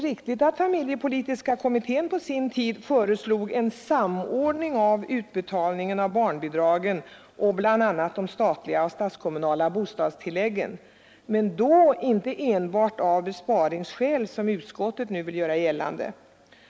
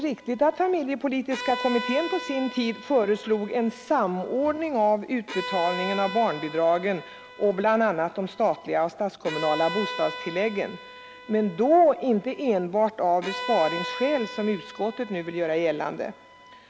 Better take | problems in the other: first | background sound (Bowed string instrument); 12 dB below the speech

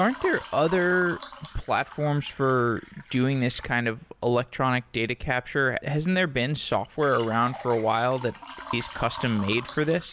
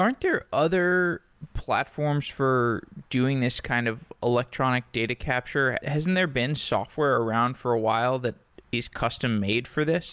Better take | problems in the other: second | background sound (Water / Liquid); 17 dB below the speech

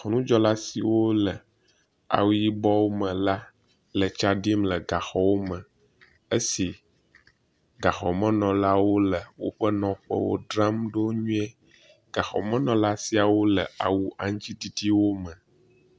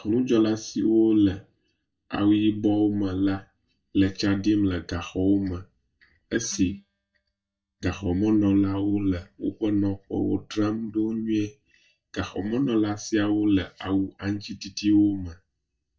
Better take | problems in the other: first | noise reduction (neural mask model DeepFilterNet 3)

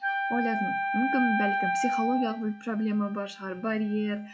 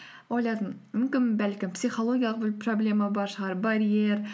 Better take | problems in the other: second | noise reduction (classical method log-MMSE)

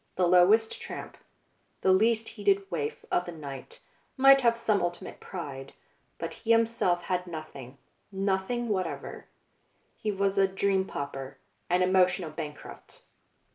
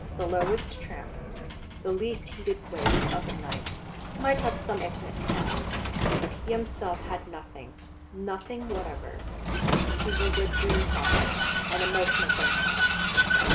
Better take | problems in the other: first | background sound (Vehicle); 5 dB above the speech

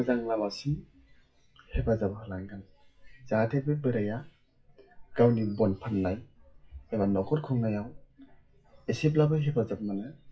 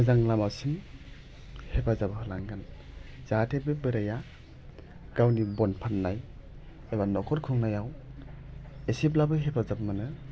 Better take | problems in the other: second | noise reduction (classical method WPE with log-MMSE)

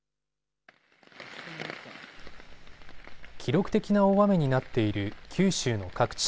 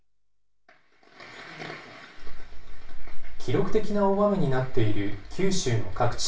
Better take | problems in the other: first | room echo; dies away in 0.3 s

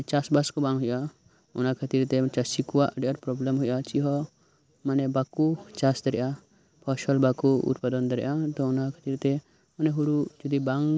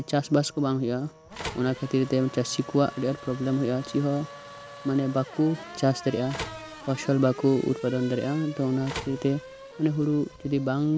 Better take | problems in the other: first | background sound (Race car, auto racing / Accelerating, revving, vroom + Telephone); 15 dB below the speech

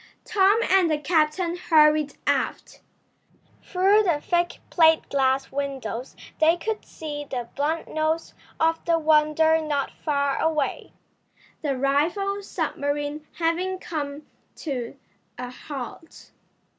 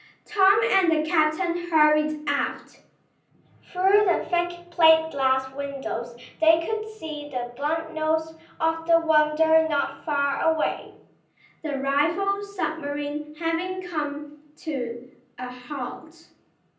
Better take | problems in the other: first | room echo; dies away in 0.6 s

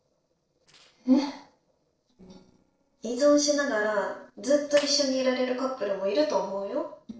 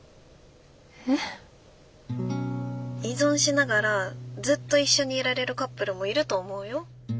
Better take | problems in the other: second | noise reduction (neural separator model SepFormer DNS4)

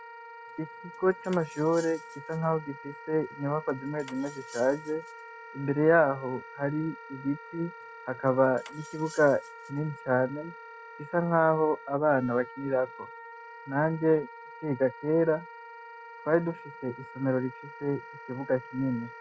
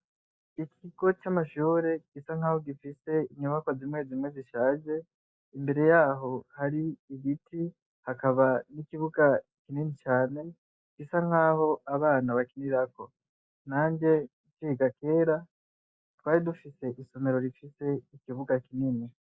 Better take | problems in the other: second | background sound (Cutlery, silverware + Wind instrument, woodwind instrument); 16 dB below the speech

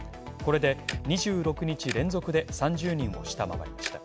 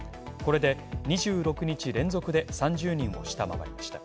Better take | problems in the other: second | background sound (Tick-tock); 16 dB below the speech

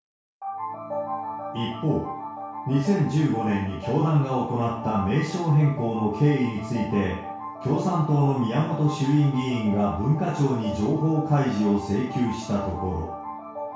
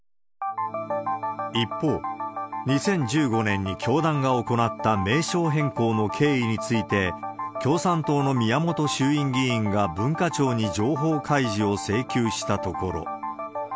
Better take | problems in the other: second | room echo; dies away in 0.6 s

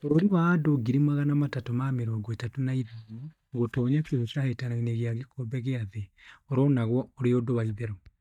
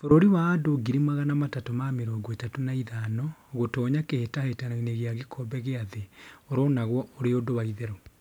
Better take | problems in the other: second | noise reduction (neural mask model DeepFilterNet 3)

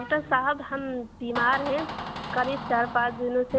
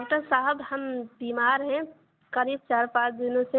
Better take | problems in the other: second | background sound (Door); 10 dB below the speech

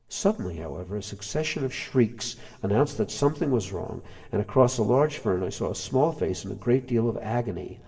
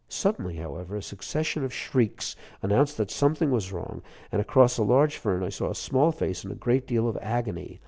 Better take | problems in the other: second | room echo; dies away in 1.5 s

